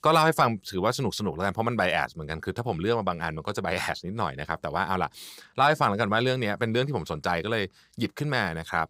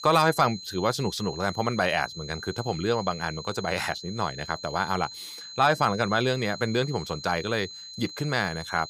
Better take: first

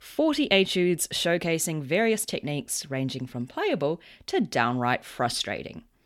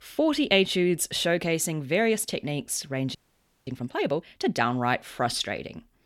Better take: first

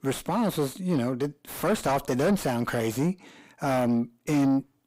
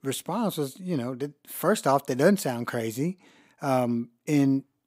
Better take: second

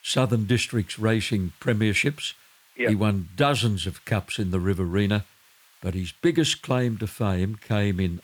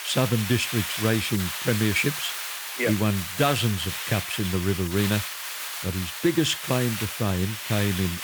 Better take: first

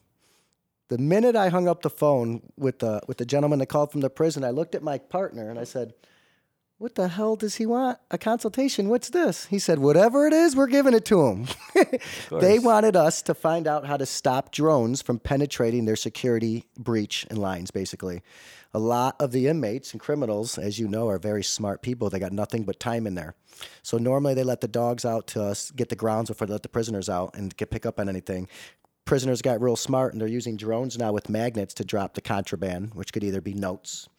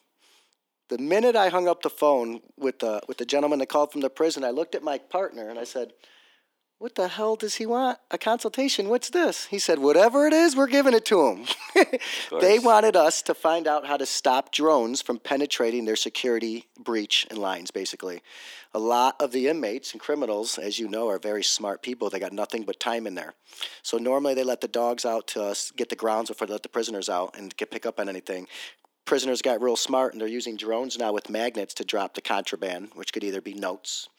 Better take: first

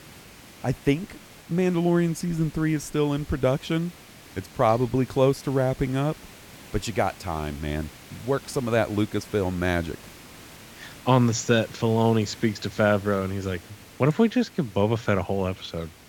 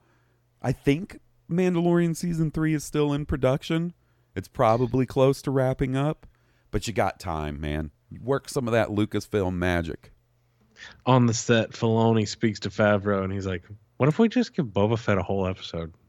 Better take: second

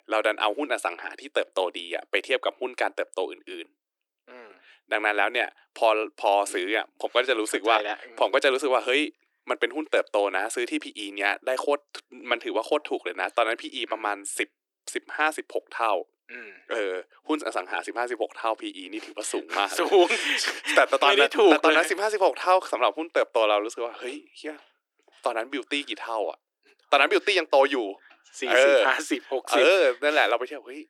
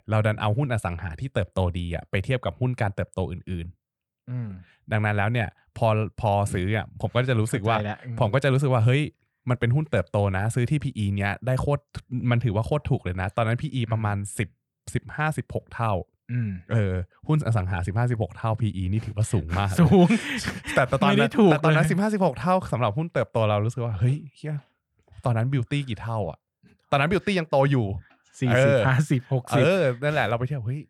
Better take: second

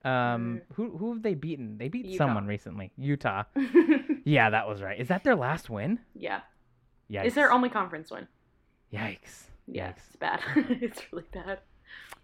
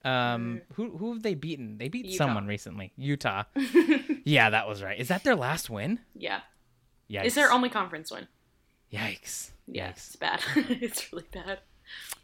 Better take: second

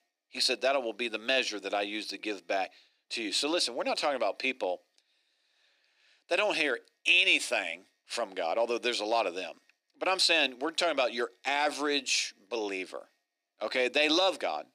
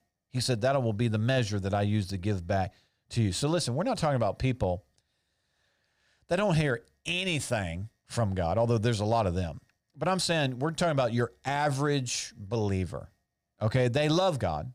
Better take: second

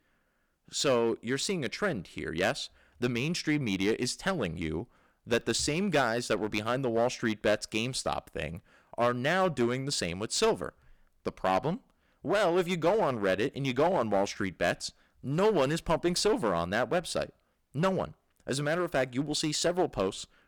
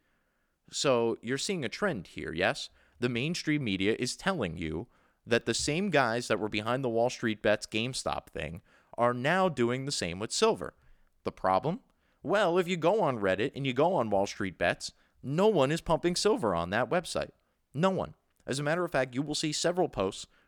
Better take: second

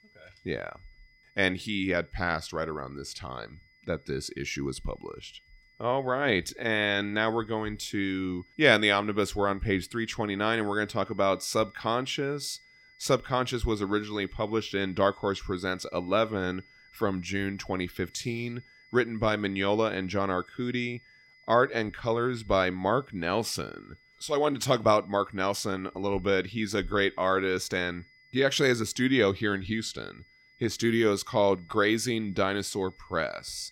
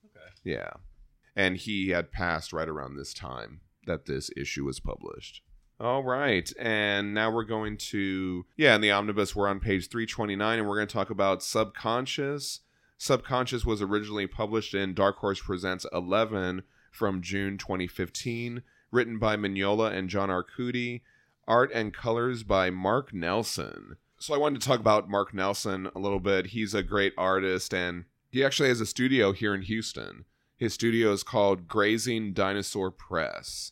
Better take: second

